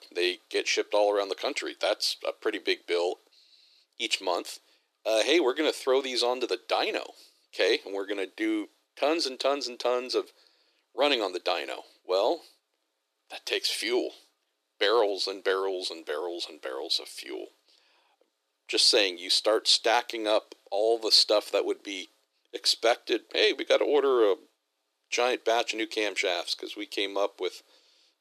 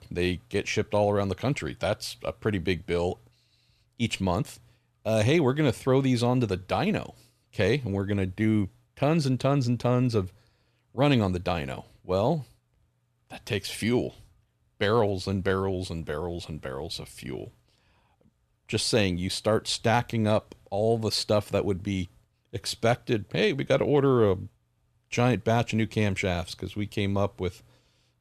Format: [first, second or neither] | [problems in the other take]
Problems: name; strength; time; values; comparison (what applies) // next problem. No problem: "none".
second | thin; very; fading below 300 Hz